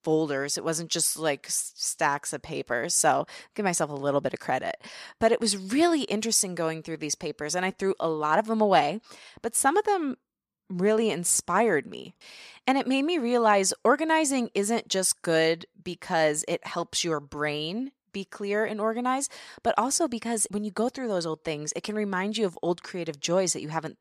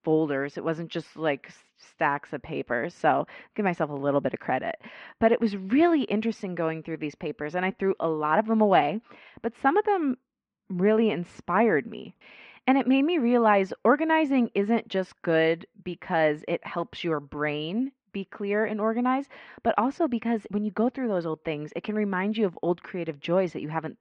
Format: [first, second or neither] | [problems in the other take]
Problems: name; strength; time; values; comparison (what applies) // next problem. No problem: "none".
first | muffled; very; fading above 2.5 kHz